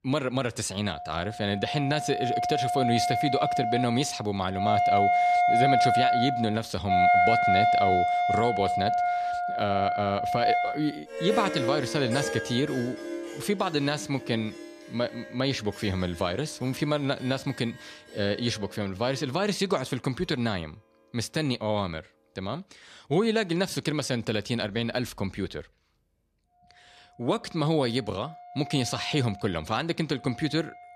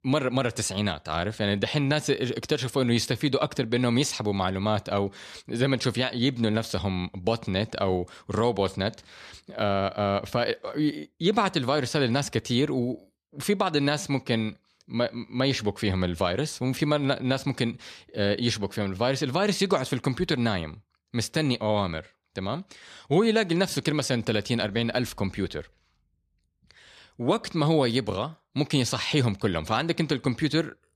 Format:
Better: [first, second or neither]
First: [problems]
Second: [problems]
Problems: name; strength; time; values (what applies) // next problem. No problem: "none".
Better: second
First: background music; very loud; throughout; 3 dB above the speech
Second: none